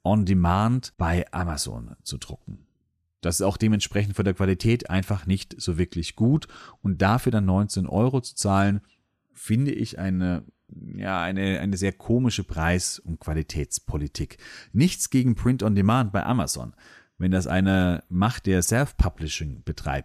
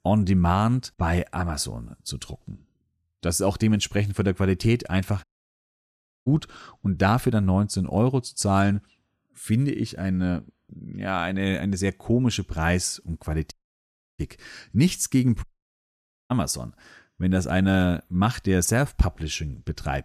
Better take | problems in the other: first | audio cutting out; at 5 s for 1 s, at 14 s for 0.5 s and at 15 s for 1 s

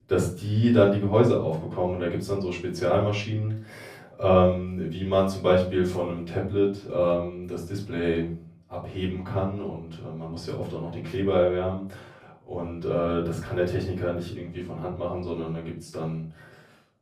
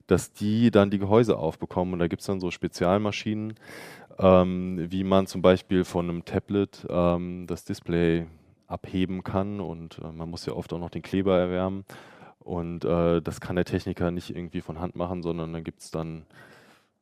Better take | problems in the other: second | off-mic speech; far // room echo; slight; dies away in 0.3 s

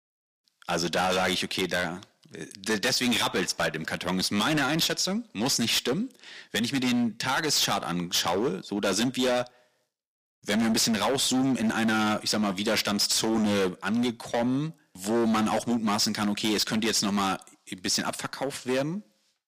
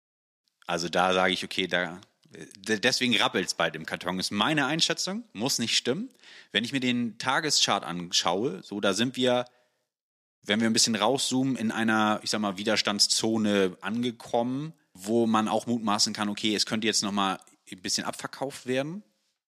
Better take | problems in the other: second | distortion; heavy; 16% of the sound clipped

